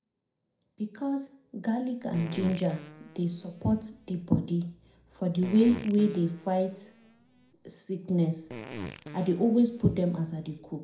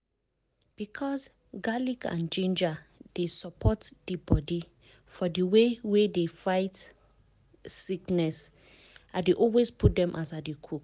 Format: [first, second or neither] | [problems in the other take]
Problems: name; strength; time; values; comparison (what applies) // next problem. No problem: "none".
second | background sound (Fart); 15 dB below the speech // room echo; dies away in 0.4 s